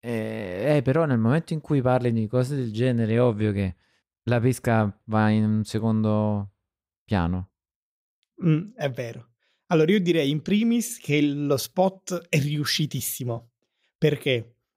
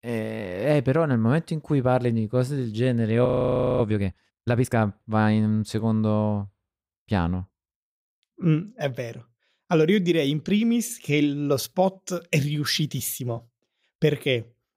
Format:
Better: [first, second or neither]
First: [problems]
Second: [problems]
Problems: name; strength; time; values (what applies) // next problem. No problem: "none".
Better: first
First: none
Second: audio freezing; at 3.5 s for 0.5 s